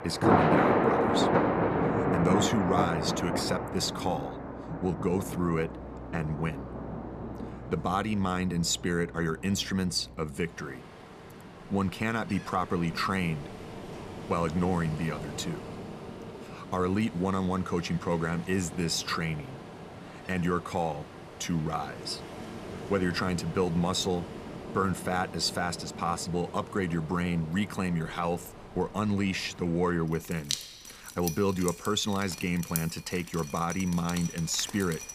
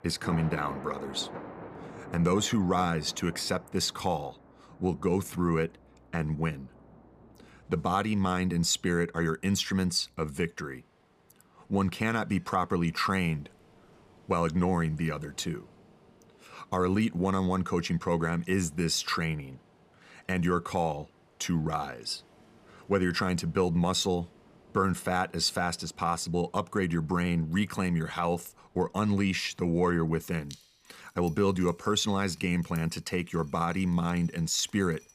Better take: second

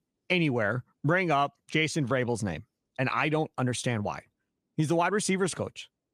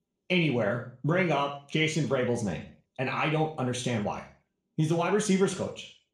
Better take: first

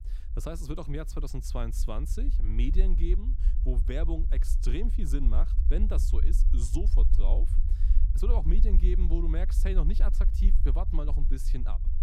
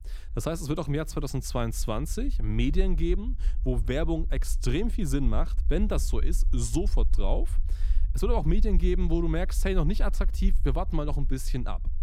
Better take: second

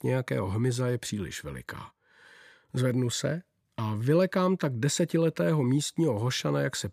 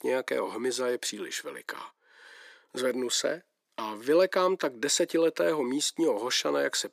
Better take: first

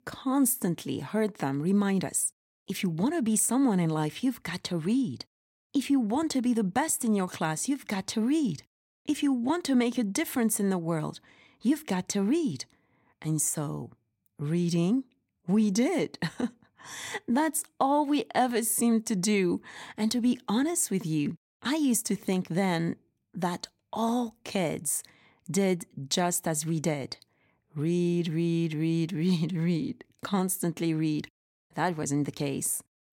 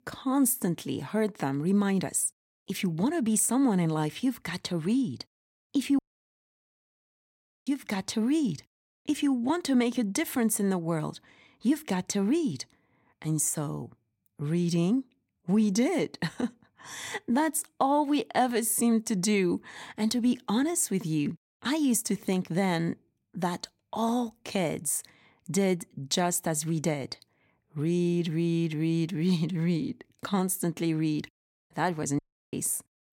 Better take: first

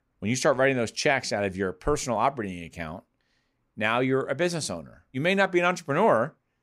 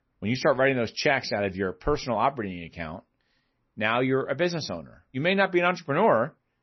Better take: first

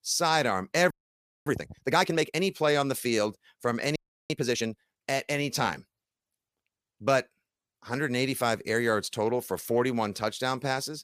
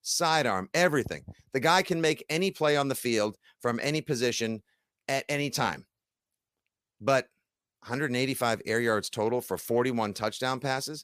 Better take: second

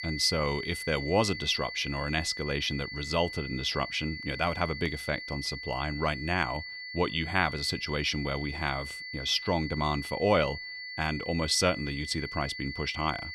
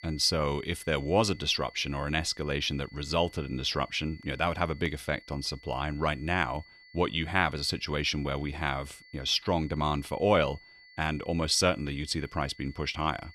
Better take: second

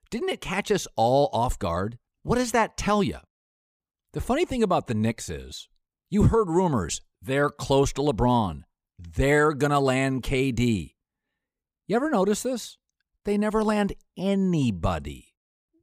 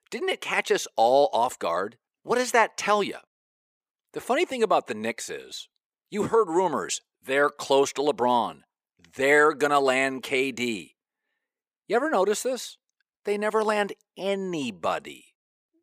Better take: first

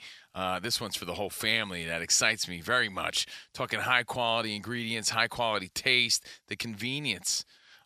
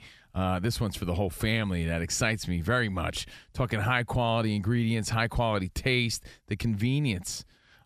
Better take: second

